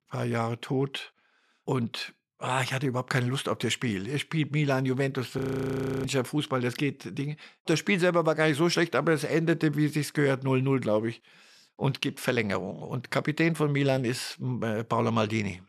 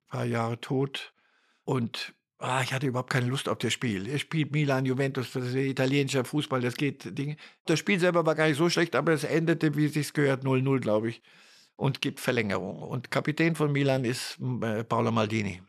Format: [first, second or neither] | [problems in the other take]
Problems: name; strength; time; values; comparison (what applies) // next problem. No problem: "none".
second | audio freezing; at 5.5 s for 0.5 s